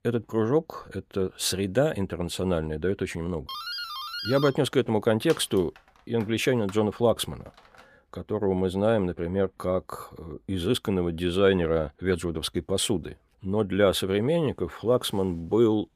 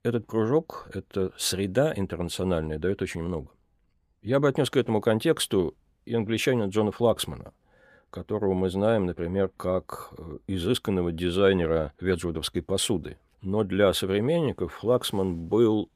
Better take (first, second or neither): second